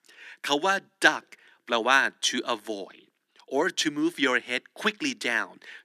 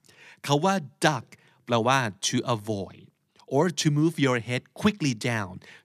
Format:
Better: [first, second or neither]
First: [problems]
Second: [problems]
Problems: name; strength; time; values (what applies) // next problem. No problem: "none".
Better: second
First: thin; somewhat; fading below 300 Hz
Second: none